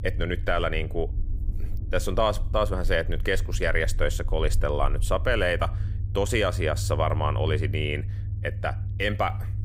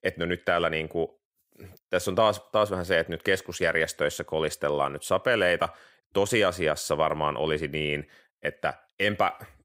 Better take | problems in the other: second | low rumble; noticeable; throughout; 20 dB below the speech

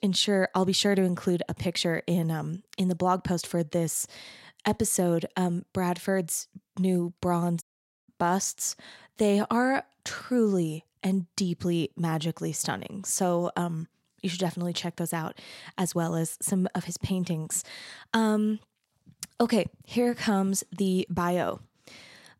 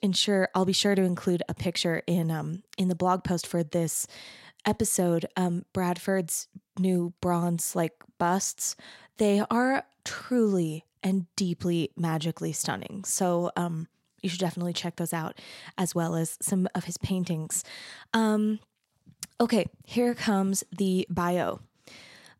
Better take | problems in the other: second | audio cutting out; at 7.5 s

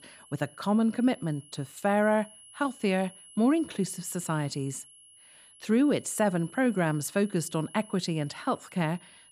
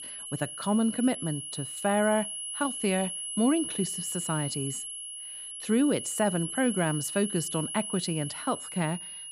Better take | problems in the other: first | high-pitched whine; loud; throughout; 11 kHz, 5 dB below the speech; faint in the first

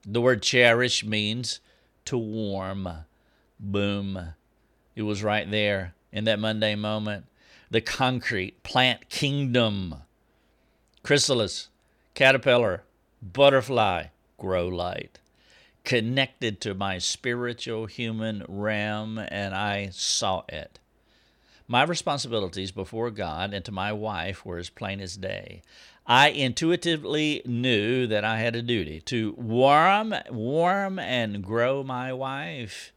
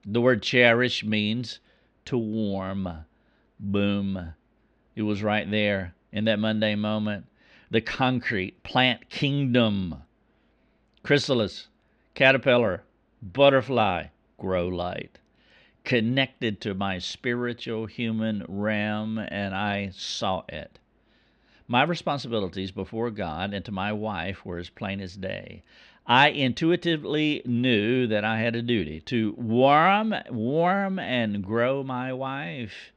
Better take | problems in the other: first | muffled; very slightly; fading above 3 kHz

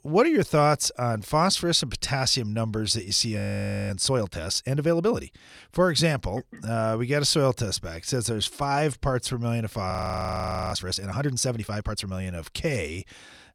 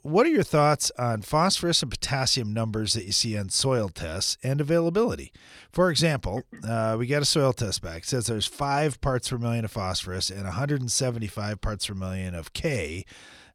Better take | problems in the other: second | audio freezing; at 3.5 s for 0.5 s and at 10 s for 1 s

